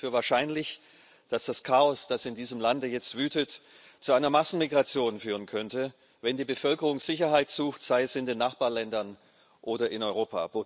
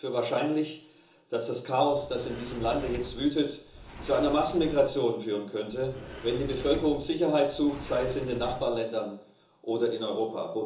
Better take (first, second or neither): first